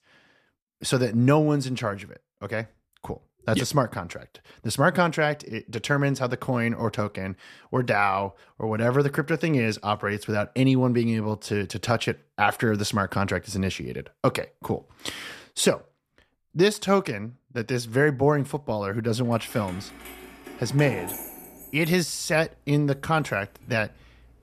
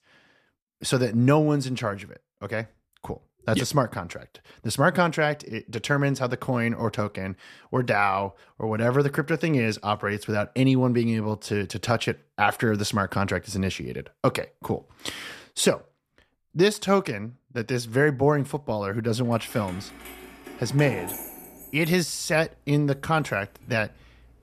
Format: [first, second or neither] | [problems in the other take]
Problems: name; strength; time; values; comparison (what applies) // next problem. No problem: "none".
neither | jangling keys; noticeable; from 19 to 24 s; peak 8 dB below the speech; the same in both